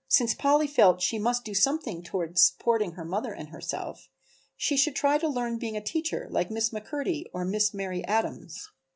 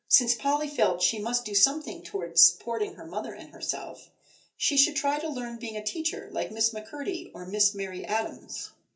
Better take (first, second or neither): first